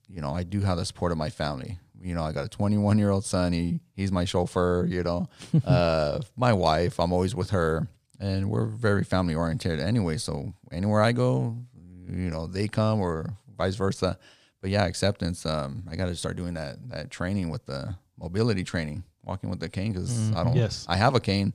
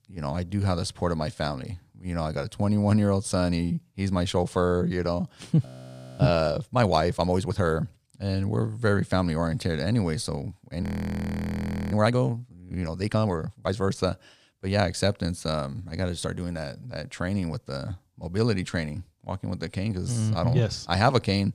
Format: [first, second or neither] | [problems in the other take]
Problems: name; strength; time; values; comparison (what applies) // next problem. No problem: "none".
first | audio freezing; at 5.5 s for 0.5 s and at 11 s for 1 s